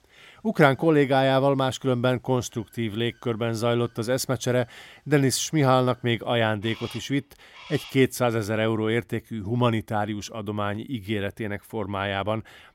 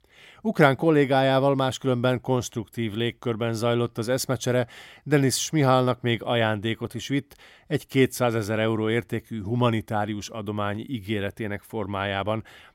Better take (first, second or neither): second